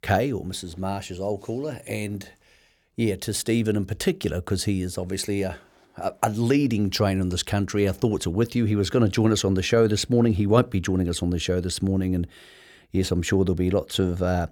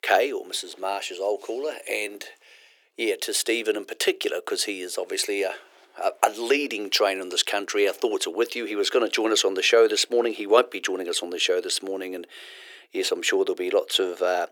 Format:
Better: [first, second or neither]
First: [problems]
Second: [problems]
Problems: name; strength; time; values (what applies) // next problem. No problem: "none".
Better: first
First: none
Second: thin; very; fading below 350 Hz